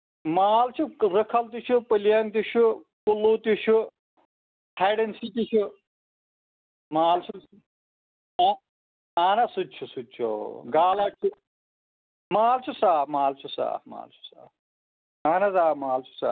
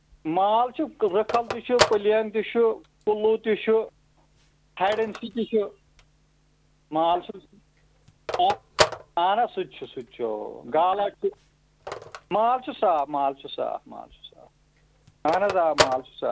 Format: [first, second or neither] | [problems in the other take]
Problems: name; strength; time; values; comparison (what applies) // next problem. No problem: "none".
first | background sound (Telephone); 8 dB below the speech